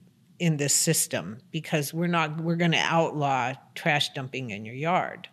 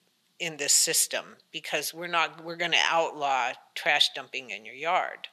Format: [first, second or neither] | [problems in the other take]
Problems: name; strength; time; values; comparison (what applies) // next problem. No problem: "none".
first | thin; very; fading below 550 Hz